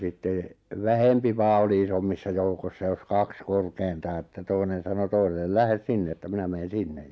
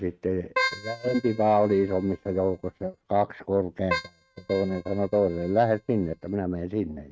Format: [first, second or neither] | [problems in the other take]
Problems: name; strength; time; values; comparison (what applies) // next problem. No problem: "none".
first | noise reduction (neural mask model RNNoise)